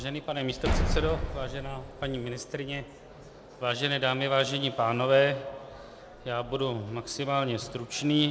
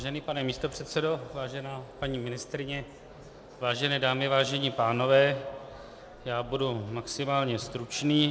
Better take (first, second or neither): second